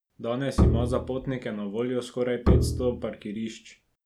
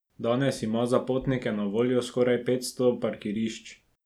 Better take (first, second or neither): second